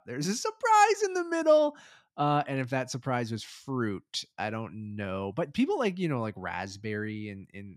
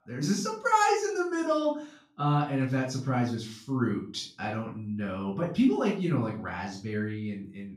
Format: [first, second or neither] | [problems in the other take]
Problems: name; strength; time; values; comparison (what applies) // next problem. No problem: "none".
first | off-mic speech; far // room echo; slight; dies away in 0.3 s